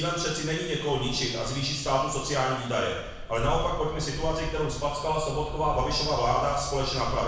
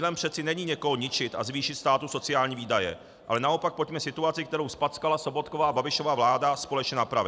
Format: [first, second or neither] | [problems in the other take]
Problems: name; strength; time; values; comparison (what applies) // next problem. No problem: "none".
second | background sound (Wind / Bird); 9 dB below the speech // room echo; dies away in 1 s